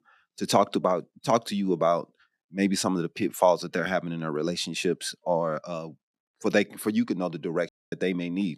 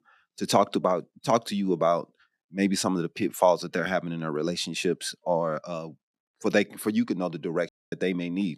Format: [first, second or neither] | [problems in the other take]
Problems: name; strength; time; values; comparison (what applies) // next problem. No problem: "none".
neither | audio cutting out; at 7.5 s; the same in both